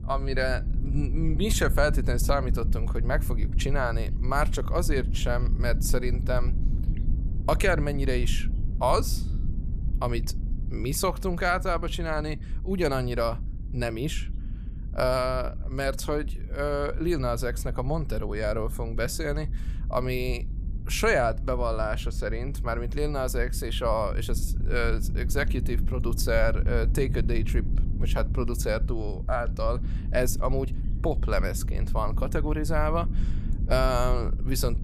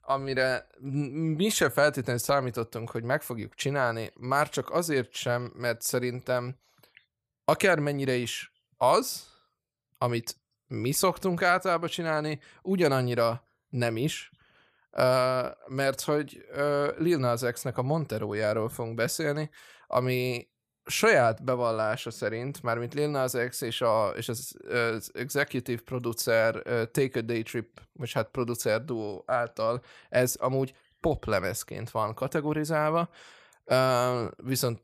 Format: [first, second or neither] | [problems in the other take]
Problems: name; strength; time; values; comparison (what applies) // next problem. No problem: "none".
second | low rumble; noticeable; throughout; 15 dB below the speech